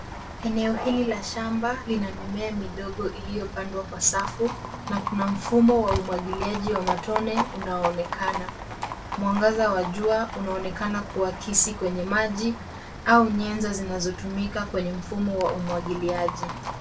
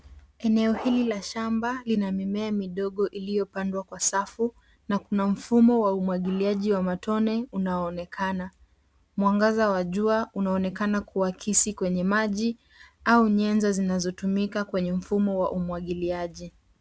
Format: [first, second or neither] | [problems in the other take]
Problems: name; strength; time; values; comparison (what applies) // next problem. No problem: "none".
second | background sound (Livestock, farm animals, working animals); 8 dB below the speech // room echo; dies away in 0.2 s